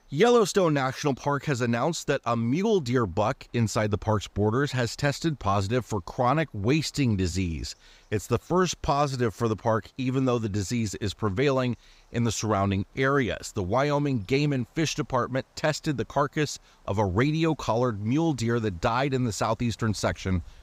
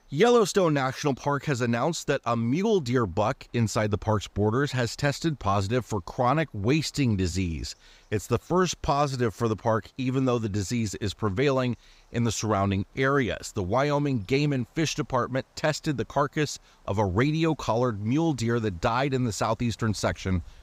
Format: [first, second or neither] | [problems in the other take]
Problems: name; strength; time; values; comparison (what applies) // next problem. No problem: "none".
neither | none